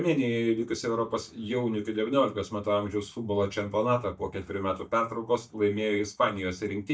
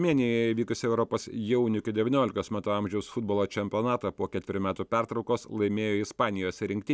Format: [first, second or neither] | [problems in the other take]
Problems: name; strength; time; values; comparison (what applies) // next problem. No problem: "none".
second | noise reduction (neural mask model DeepFilterNet 3)